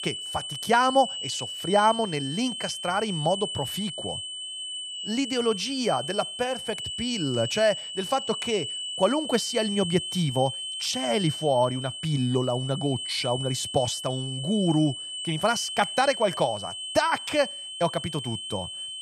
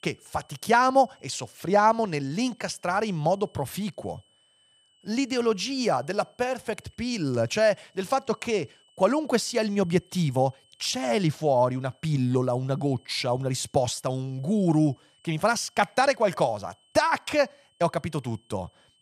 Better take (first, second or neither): second